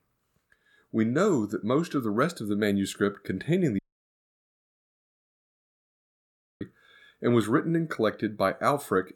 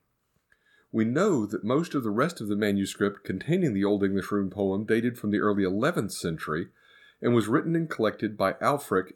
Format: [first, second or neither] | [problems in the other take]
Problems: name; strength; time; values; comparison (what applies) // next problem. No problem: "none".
second | audio cutting out; at 4 s for 3 s